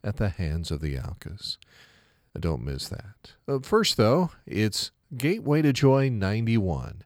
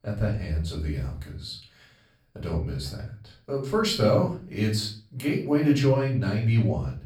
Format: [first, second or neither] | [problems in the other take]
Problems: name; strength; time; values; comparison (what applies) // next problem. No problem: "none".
first | off-mic speech; far // room echo; slight; dies away in 0.4 s